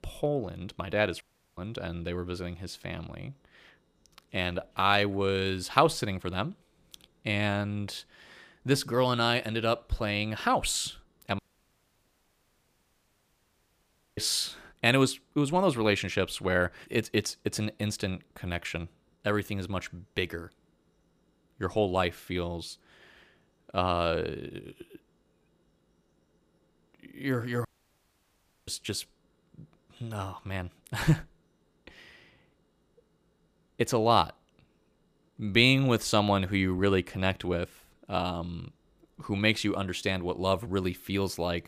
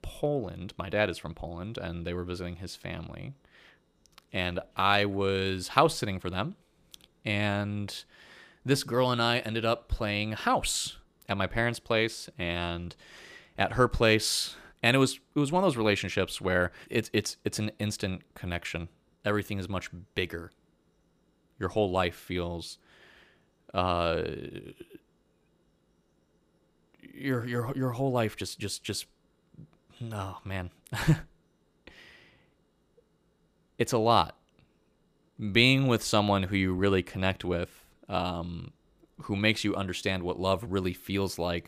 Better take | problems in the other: second | audio cutting out; at 1 s, at 11 s for 3 s and at 28 s for 1 s

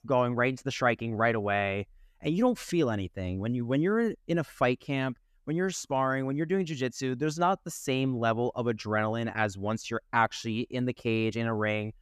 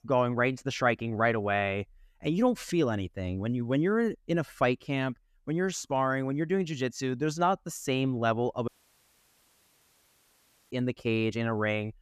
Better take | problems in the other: first | audio cutting out; at 8.5 s for 2 s

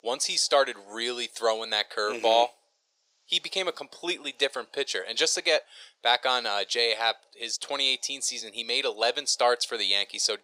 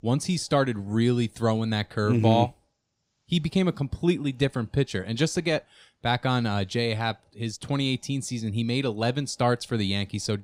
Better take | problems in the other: second | thin; very; fading below 500 Hz

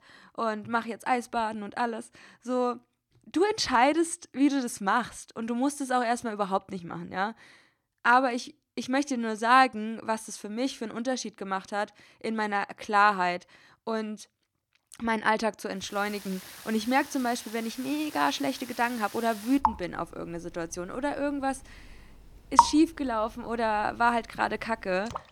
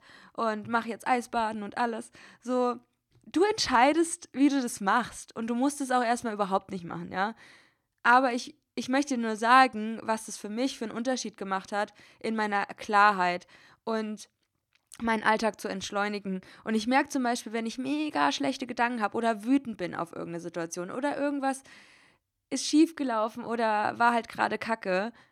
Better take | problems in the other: second | rain or running water; loud; from 16 s on; 4 dB below the speech

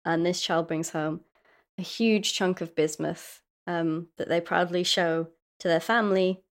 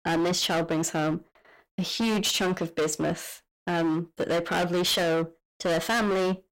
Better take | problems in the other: first | distortion; heavy; 23% of the sound clipped

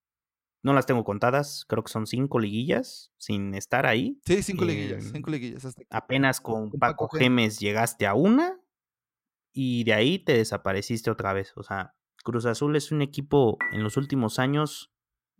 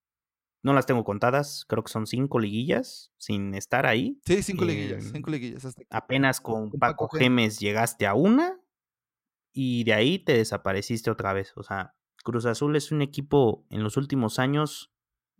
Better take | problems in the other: second | clattering dishes; noticeable; at 14 s; peak 4 dB below the speech

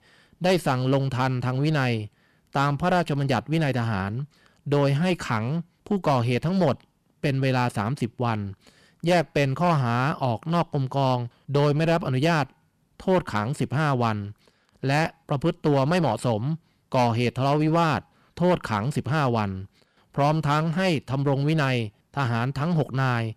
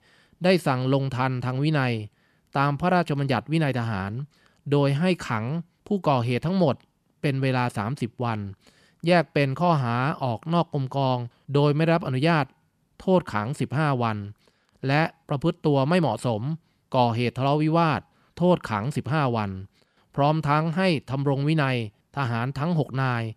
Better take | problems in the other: second | distortion; slight; 9% of the sound clipped

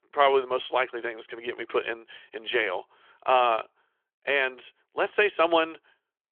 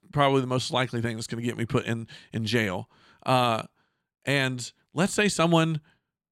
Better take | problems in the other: second | phone-call audio; nothing above 3.5 kHz

